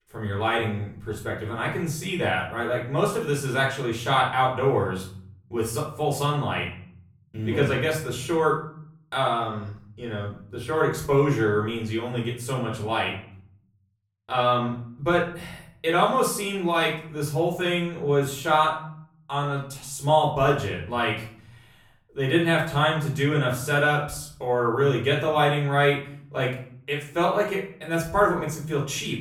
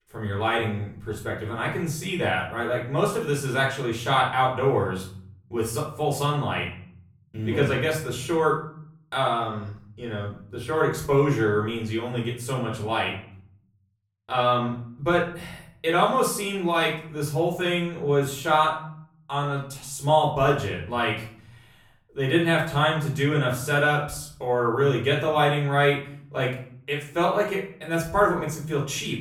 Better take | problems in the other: neither | room echo; slight; dies away in 0.6 s; the same in both // off-mic speech; far; the same in both

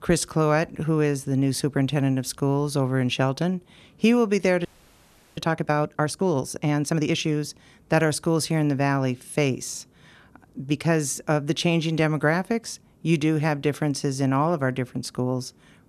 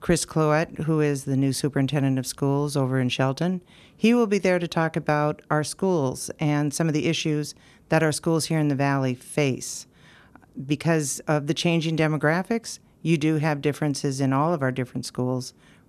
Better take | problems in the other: second | audio freezing; at 4.5 s for 0.5 s

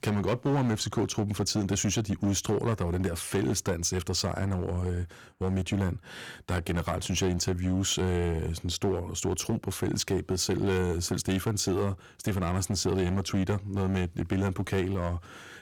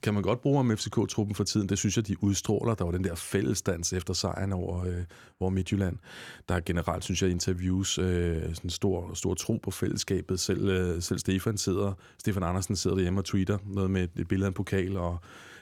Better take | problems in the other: second | distortion; slight; 9% of the sound clipped

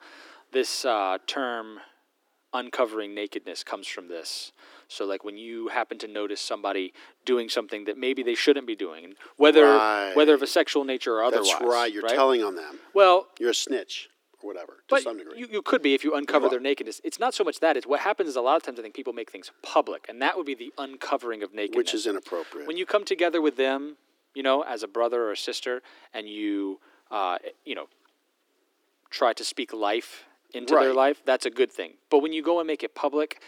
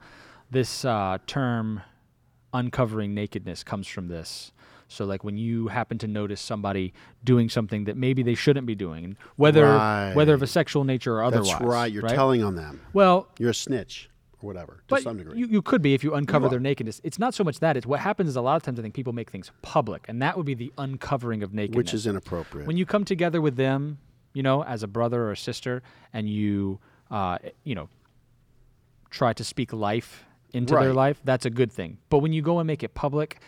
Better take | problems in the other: second | thin; somewhat; fading below 300 Hz

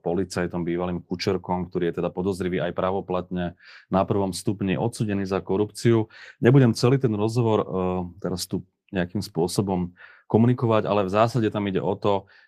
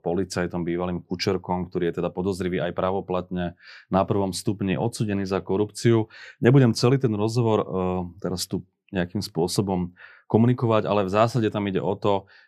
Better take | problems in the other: second | garbled, watery; slightly

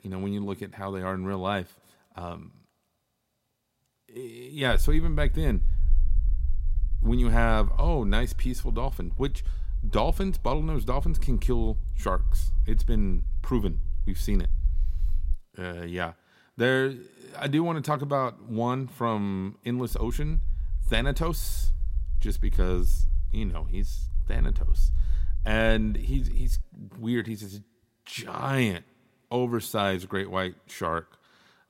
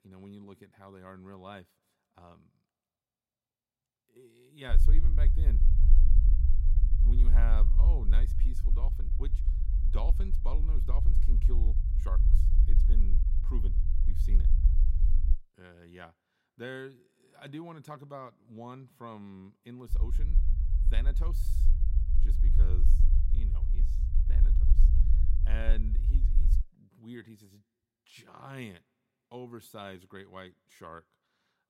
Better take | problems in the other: first | low rumble; loud; from 4.5 to 15 s and from 20 to 27 s; 4 dB below the speech; faint in the first

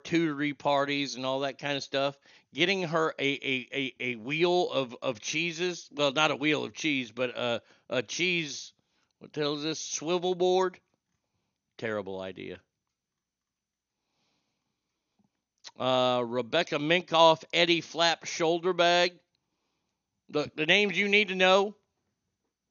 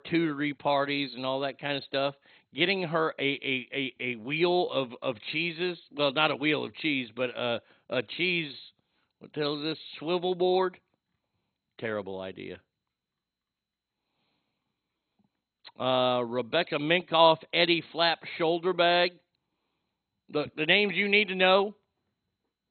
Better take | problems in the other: first | garbled, watery; badly; nothing above 4 kHz; slightly in the first

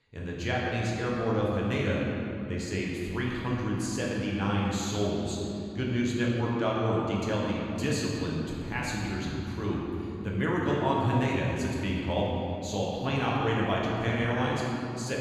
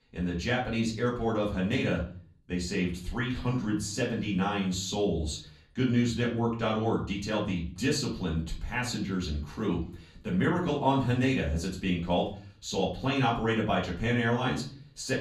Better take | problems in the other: second | room echo; strong; dies away in 2.9 s; slight in the second // off-mic speech; far; far in the second

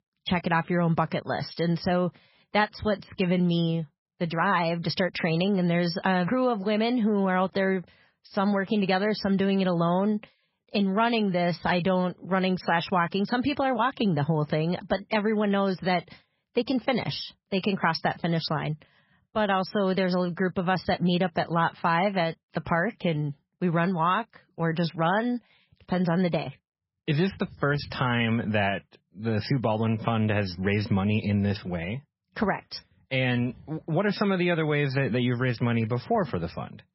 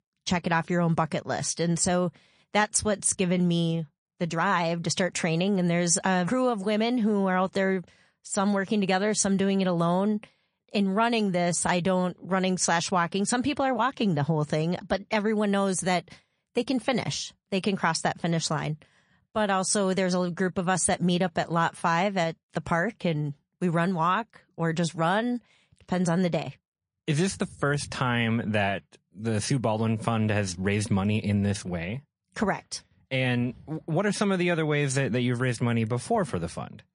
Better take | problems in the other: second | garbled, watery; badly; nothing above 5.5 kHz; slightly in the second

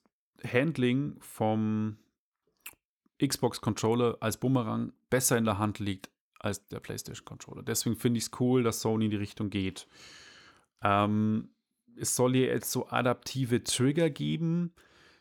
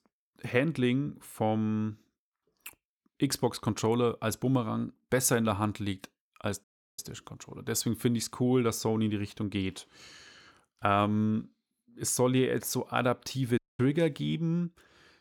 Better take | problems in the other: first | audio cutting out; at 6.5 s and at 14 s

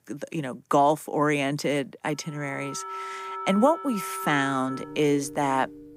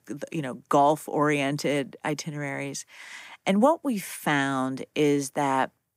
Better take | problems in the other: second | background music; loud; from 2.5 s on; 10 dB below the speech

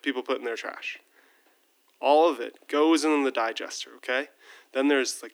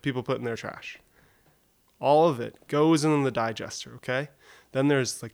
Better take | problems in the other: second | thin; very slightly; fading below 250 Hz

